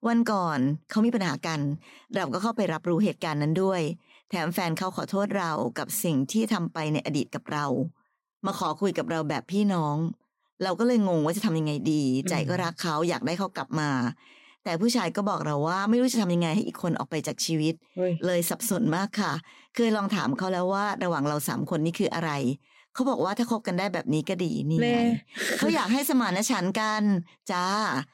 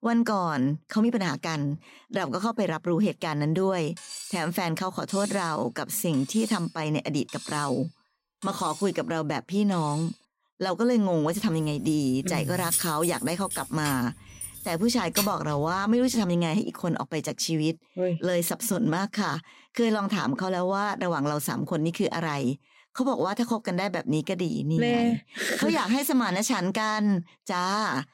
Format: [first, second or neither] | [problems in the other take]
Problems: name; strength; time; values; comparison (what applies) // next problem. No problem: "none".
first | clattering dishes; noticeable; from 4 to 10 s; peak 8 dB below the speech // jangling keys; loud; from 12 to 16 s; peak 1 dB above the speech